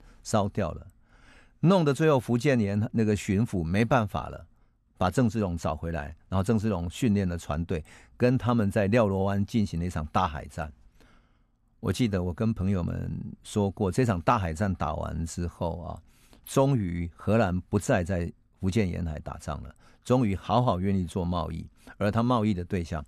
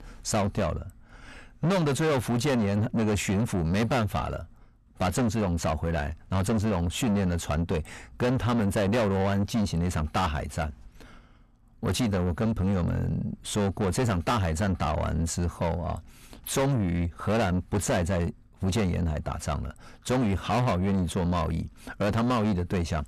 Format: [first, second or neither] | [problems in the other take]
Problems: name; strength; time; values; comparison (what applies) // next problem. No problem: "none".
first | distortion; heavy; 6 dB below the speech